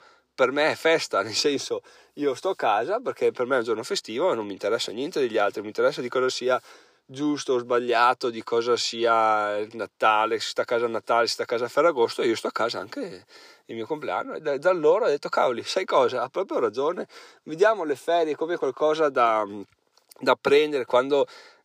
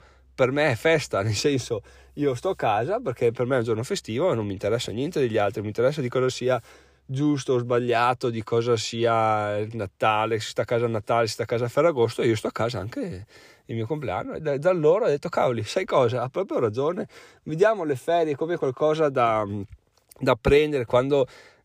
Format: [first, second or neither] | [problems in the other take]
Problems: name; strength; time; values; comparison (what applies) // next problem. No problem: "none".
second | thin; very slightly; fading below 350 Hz